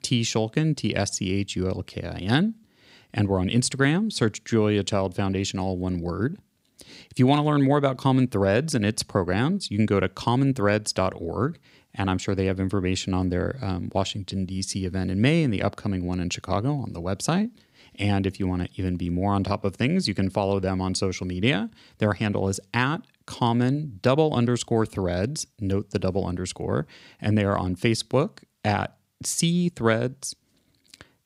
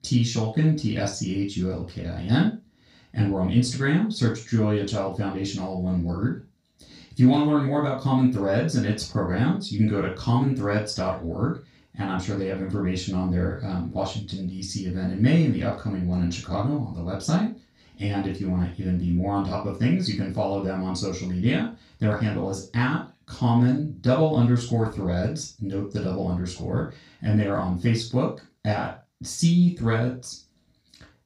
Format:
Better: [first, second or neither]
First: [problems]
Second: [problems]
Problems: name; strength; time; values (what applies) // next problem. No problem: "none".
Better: first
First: none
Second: room echo; noticeable; dies away in 0.3 s // off-mic speech; far